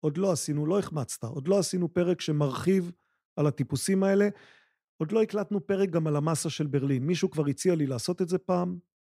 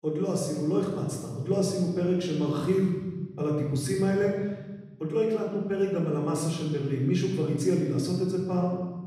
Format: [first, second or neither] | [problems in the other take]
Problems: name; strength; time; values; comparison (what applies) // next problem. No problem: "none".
first | off-mic speech; somewhat distant // room echo; noticeable; dies away in 1.7 s